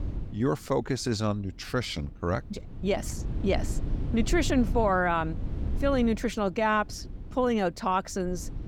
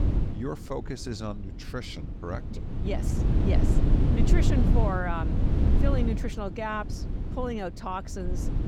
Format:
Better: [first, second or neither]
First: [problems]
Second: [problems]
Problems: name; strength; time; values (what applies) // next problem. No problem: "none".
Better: first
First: wind noise on the microphone; occasional gusts; 20 dB below the speech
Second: wind noise on the microphone; heavy; 3 dB below the speech